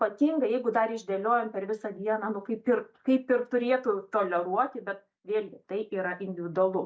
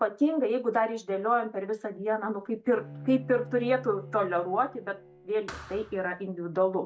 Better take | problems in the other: first | background sound (Thump, thud + Bowed string instrument); 17 dB below the speech

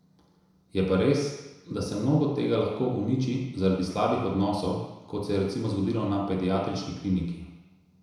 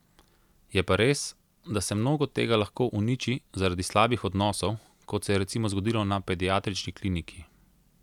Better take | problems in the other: second | room echo; dies away in 1 s

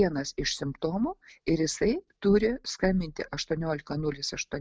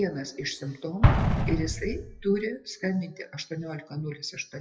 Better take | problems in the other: first | noise reduction (classical method WPE with log-MMSE)

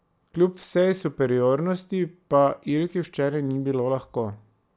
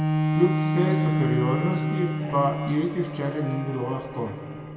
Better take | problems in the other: first | background sound (Bowed string instrument); 1 dB above the speech // room echo; dies away in 2.1 s

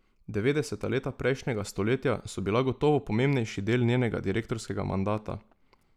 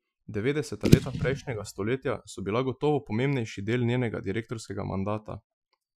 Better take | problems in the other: first | noise reduction (classical method Wiener filter)

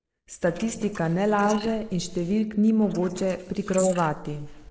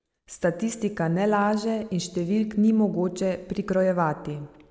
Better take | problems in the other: second | noise reduction (neural mask model Resemble Enhance denoiser)

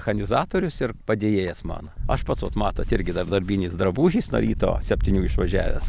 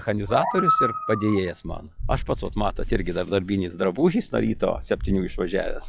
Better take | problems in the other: first | noise reduction (classical method log-MMSE)

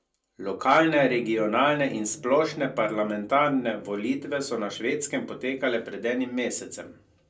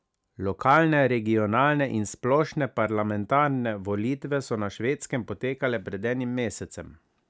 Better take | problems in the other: second | room echo; dies away in 0.2 s

